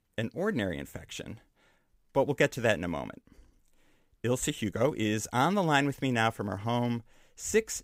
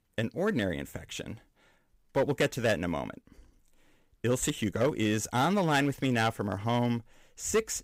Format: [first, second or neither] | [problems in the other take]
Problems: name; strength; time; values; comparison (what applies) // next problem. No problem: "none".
first | distortion; slight; 3% of the sound clipped